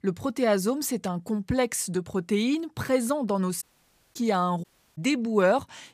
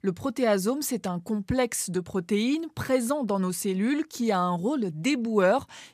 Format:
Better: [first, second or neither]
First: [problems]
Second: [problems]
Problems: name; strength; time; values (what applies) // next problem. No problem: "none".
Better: second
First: audio cutting out; at 3.5 s for 0.5 s and at 4.5 s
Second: none